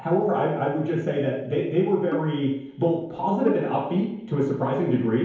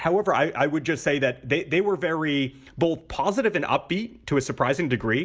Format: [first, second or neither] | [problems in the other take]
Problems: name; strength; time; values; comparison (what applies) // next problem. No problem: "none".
second | noise reduction (neural separator model SepFormer DNS4)